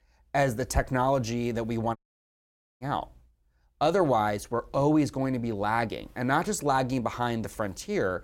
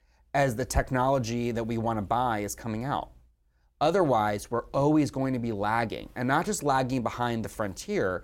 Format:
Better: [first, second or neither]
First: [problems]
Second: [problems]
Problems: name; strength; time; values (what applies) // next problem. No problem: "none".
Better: second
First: audio cutting out; at 2 s for 1 s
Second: none